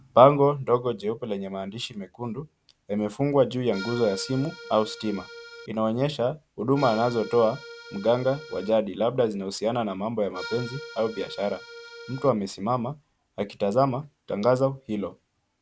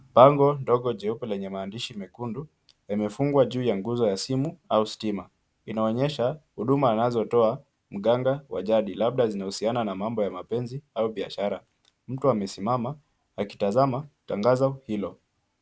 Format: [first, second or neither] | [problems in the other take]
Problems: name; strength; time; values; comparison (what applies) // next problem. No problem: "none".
second | background sound (Accordion); 14 dB below the speech